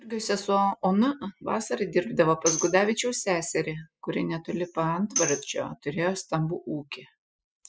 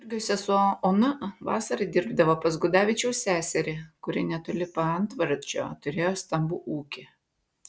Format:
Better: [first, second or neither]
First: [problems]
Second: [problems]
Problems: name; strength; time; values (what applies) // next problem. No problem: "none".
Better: second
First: noise reduction (classical method spectral subtraction)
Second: none